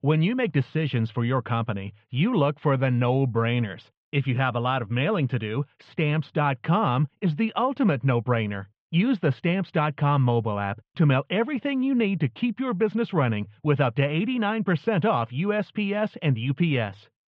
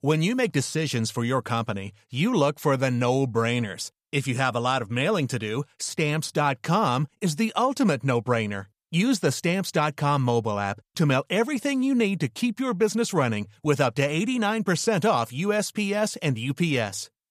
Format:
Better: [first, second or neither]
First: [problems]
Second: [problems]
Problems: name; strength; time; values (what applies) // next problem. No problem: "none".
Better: second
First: muffled; very; fading above 3 kHz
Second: none